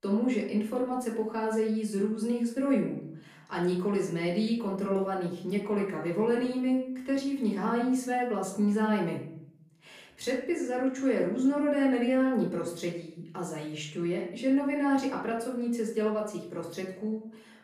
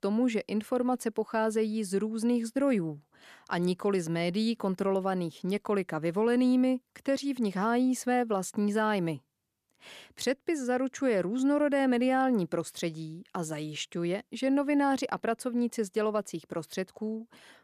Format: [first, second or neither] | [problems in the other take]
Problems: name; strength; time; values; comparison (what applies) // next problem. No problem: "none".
second | off-mic speech; far // room echo; noticeable; dies away in 0.6 s